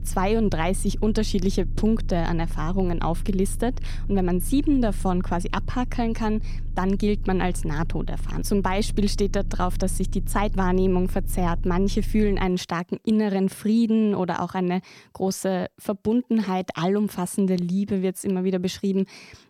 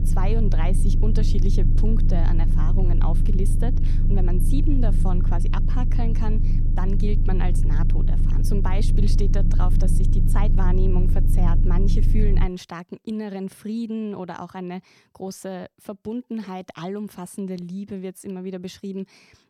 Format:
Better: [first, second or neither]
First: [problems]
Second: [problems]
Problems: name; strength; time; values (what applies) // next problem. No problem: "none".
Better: first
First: low rumble; faint; until 12 s; 20 dB below the speech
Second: low rumble; loud; until 12 s; 4 dB below the speech